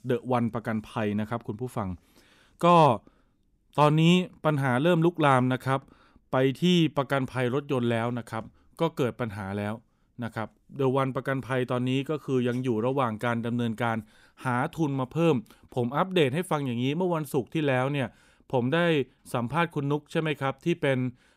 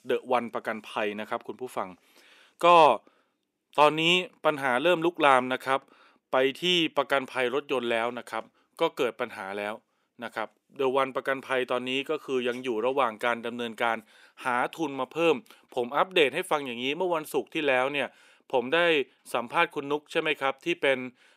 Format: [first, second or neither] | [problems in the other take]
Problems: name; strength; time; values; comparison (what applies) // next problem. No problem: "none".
first | thin; somewhat; fading below 450 Hz